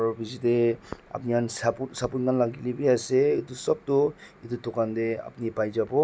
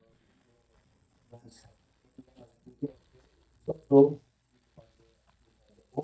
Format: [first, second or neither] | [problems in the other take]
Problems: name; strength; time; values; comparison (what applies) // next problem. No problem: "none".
first | noise reduction (neural mask model DeepFilterNet 3)